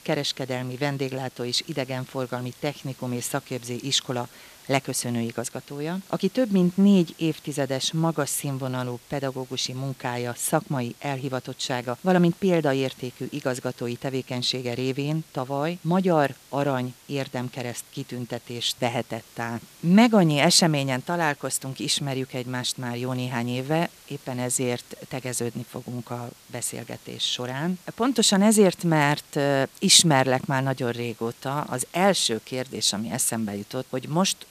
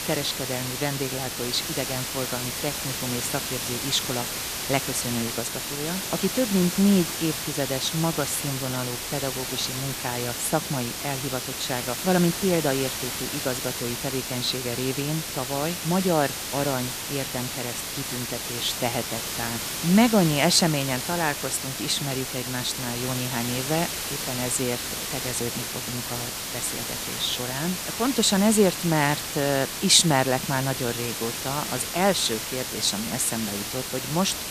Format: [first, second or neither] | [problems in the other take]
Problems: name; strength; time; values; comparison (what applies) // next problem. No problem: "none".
first | hiss; loud; throughout; 3 dB below the speech; faint in the first